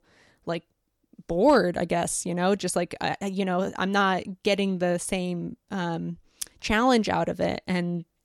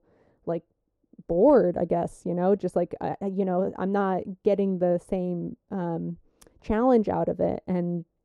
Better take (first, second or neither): first